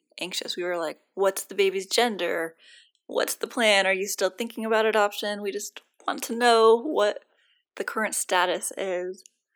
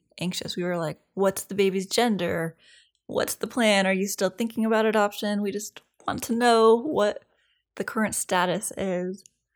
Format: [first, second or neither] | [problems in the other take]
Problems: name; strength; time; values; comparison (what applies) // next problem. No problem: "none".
second | thin; somewhat; fading below 250 Hz